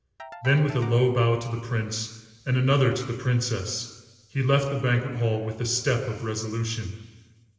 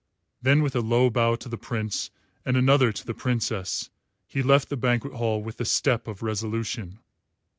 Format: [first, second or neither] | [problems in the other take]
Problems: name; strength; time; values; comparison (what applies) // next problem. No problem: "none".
second | background sound (Ringtone / Keyboard (musical)); 20 dB below the speech // room echo; dies away in 1.4 s